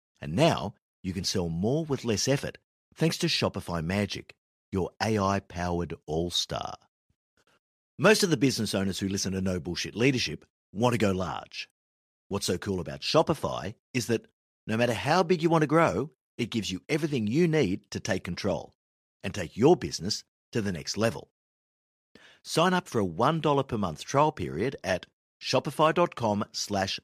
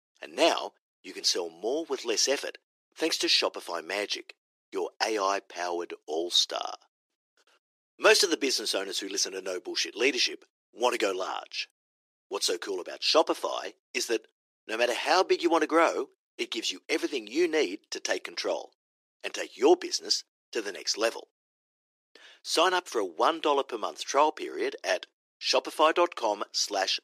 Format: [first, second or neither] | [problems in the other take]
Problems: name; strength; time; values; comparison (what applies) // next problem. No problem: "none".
first | thin; very; fading below 350 Hz